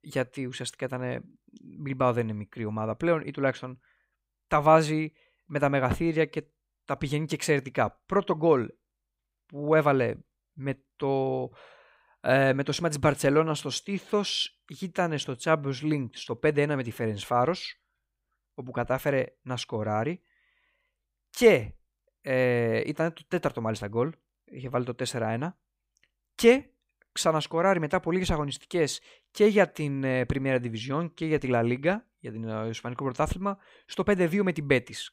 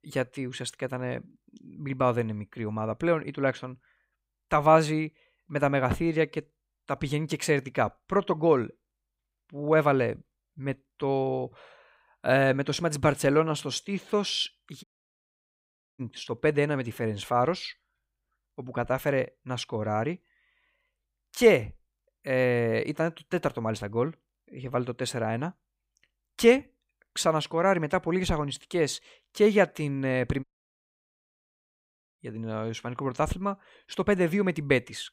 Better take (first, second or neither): first